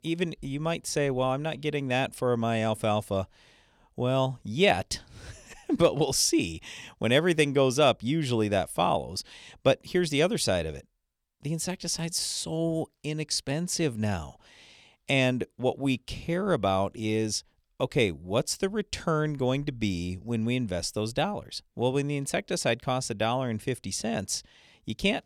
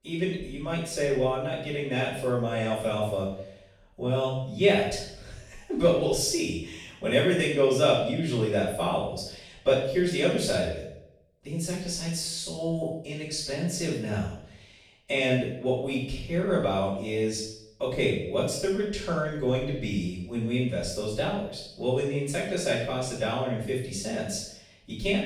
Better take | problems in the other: first | room echo; noticeable; dies away in 0.6 s // off-mic speech; far

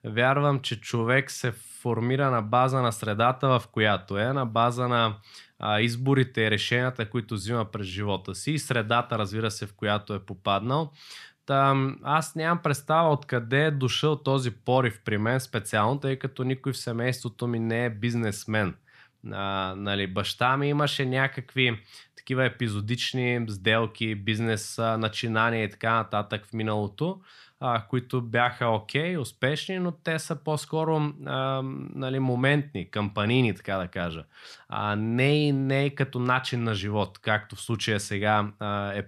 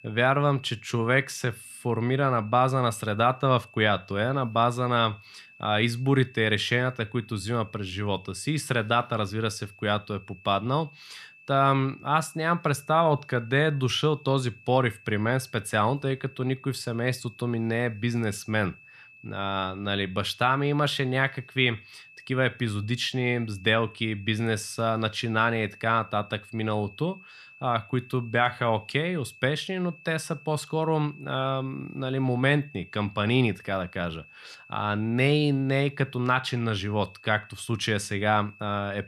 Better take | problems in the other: first | high-pitched whine; faint; throughout; 2.5 kHz, 25 dB below the speech

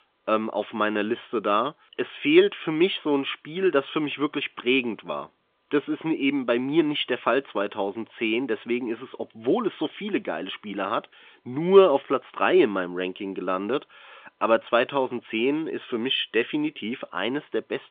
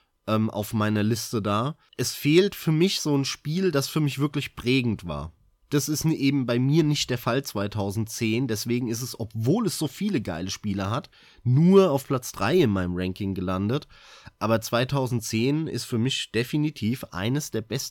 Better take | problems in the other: second | phone-call audio; nothing above 3.5 kHz

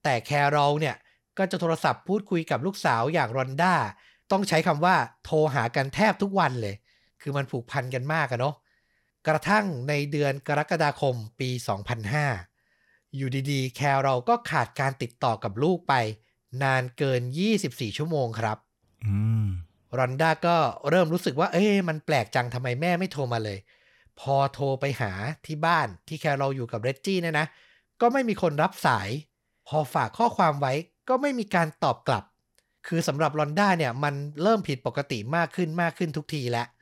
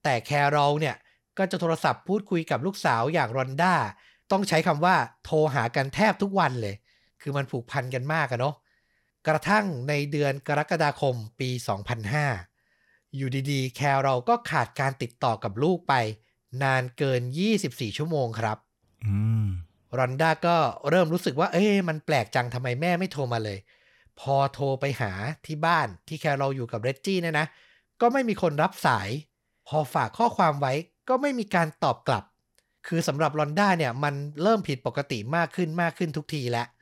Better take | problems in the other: neither | none

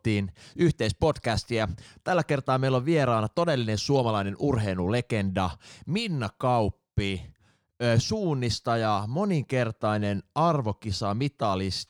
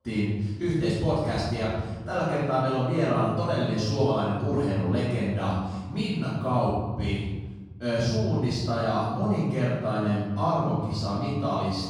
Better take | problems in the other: first | room echo; strong; dies away in 1.4 s // off-mic speech; far

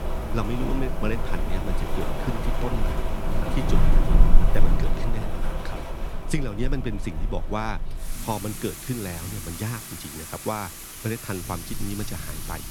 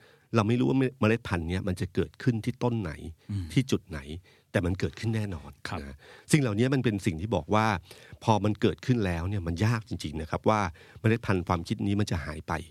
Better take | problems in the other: second | rain or running water; very loud; throughout; 3 dB above the speech

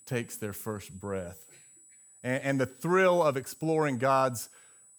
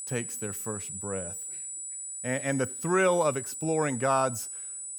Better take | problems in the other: first | high-pitched whine; loud; throughout; 8 kHz, 6 dB below the speech; faint in the first

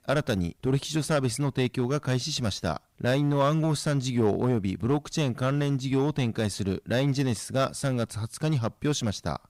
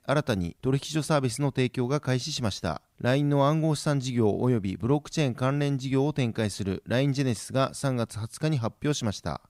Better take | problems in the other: second | distortion; slight; 5% of the sound clipped

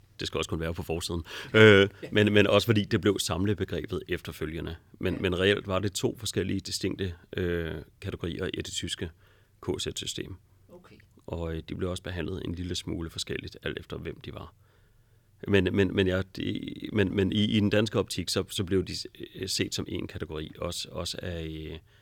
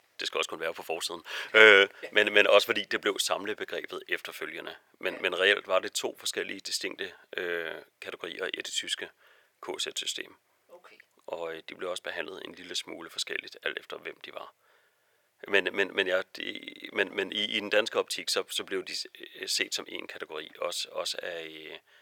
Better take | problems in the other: first | thin; very; fading below 650 Hz

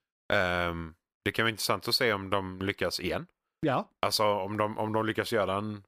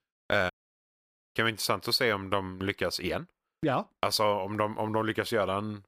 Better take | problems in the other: first | audio cutting out; at 0.5 s for 1 s

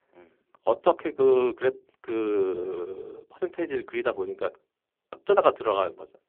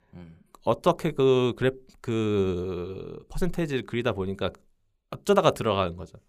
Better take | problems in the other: second | phone-call audio; poor line; nothing above 3.5 kHz

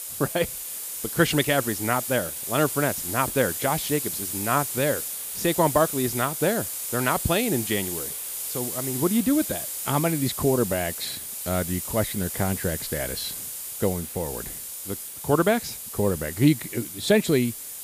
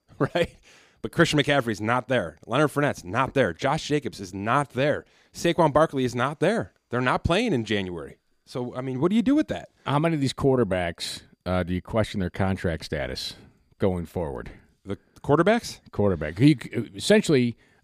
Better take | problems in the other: second | hiss; loud; throughout; 4 dB below the speech

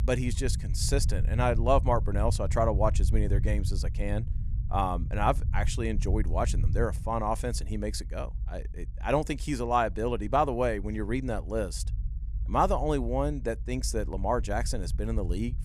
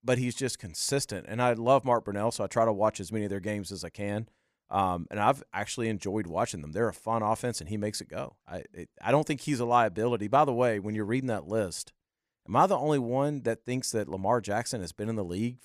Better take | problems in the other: second | low rumble; noticeable; throughout; 20 dB below the speech

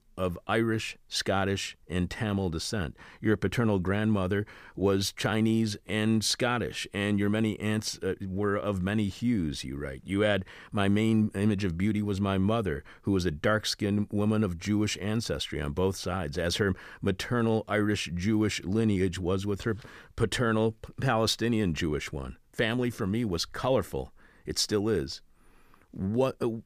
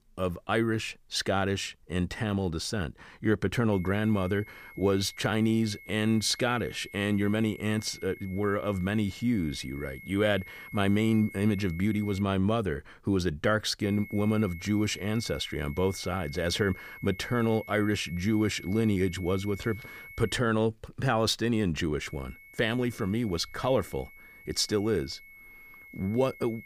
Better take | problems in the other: first | high-pitched whine; noticeable; from 3.5 to 12 s, from 14 to 20 s and from 22 s on; 2 kHz, 20 dB below the speech

